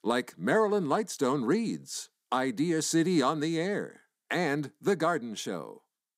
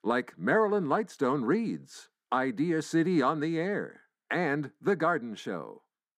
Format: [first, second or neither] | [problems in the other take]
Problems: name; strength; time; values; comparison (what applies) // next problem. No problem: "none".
first | muffled; slightly; fading above 3.5 kHz